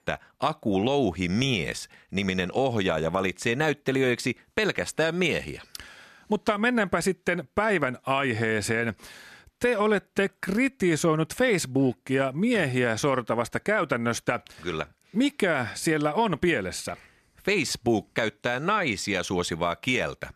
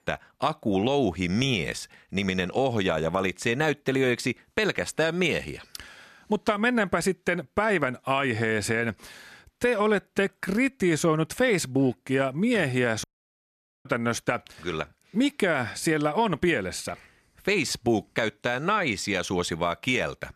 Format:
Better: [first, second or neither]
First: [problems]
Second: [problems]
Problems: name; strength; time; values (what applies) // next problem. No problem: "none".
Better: first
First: none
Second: audio cutting out; at 13 s for 1 s